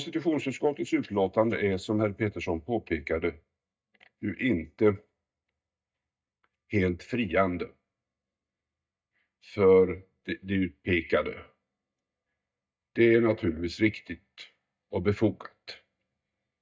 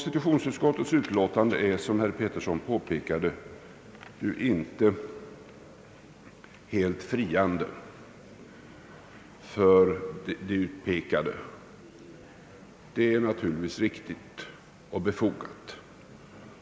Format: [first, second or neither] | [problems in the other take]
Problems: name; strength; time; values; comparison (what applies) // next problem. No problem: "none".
second | noise reduction (neural mask model DeepFilterNet 3)